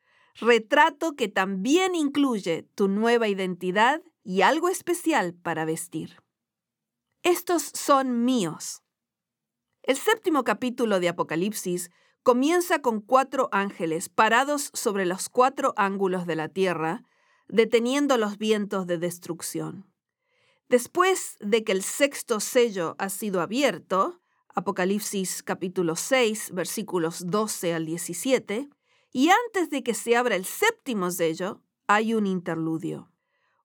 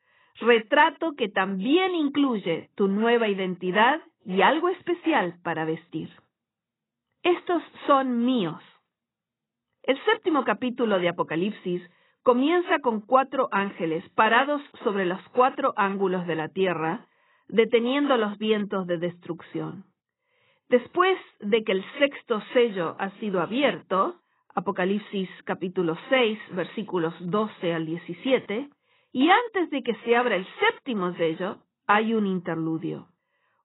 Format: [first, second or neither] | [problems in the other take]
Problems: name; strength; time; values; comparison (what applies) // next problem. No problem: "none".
first | garbled, watery; badly; nothing above 3.5 kHz